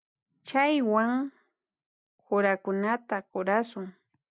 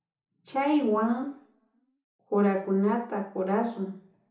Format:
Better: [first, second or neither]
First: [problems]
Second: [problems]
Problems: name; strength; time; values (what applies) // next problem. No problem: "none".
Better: first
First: none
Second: room echo; dies away in 0.8 s